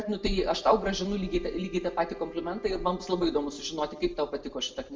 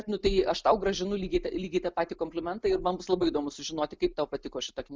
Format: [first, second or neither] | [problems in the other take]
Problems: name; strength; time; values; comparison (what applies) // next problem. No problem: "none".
second | background sound (Wind instrument, woodwind instrument); 19 dB below the speech // room echo; dies away in 1.3 s